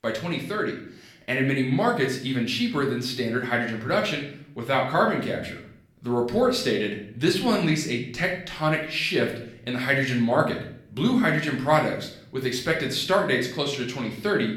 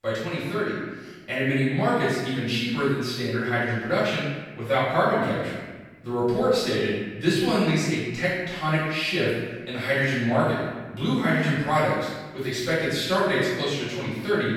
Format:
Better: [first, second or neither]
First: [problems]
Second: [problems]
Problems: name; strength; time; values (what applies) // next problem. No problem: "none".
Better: first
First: room echo; slight; dies away in 0.6 s // off-mic speech; somewhat distant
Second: room echo; strong; dies away in 1.1 s // off-mic speech; far